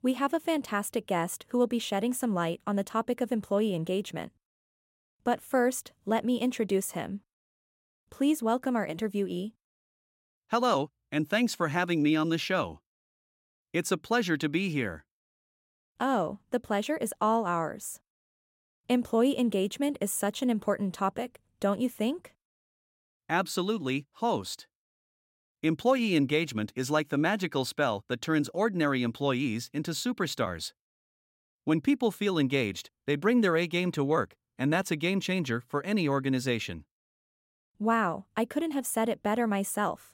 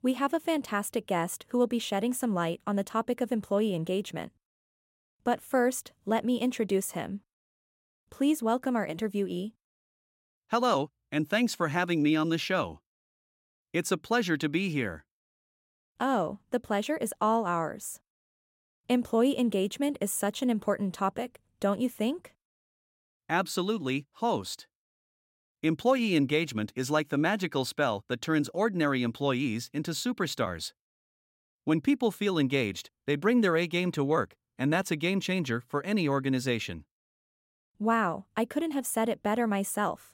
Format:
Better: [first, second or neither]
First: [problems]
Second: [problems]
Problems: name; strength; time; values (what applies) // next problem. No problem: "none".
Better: neither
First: none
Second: none